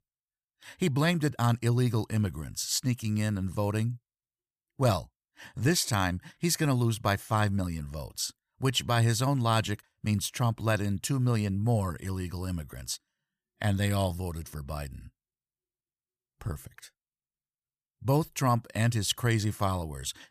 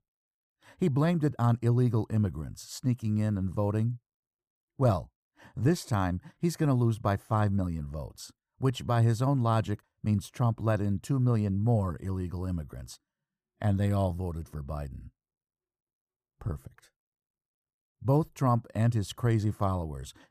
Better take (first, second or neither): first